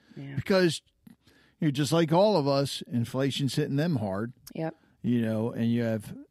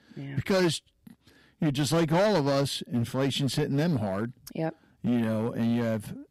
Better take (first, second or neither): first